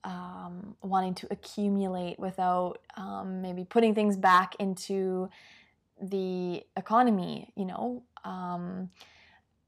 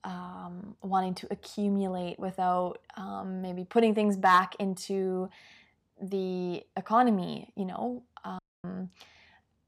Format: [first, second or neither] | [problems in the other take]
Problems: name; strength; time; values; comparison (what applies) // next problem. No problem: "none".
first | audio cutting out; at 8.5 s